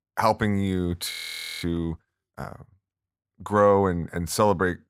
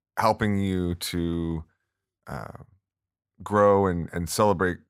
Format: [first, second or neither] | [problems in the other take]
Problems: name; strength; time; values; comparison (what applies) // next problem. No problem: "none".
second | audio freezing; at 1 s for 0.5 s